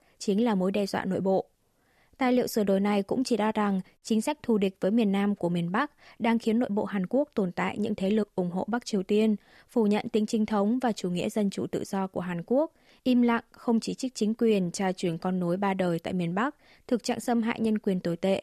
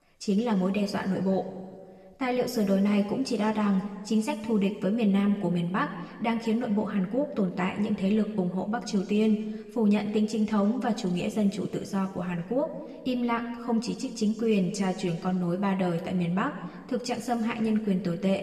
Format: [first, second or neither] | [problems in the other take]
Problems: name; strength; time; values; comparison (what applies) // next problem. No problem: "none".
first | room echo; slight; dies away in 1.4 s // off-mic speech; somewhat distant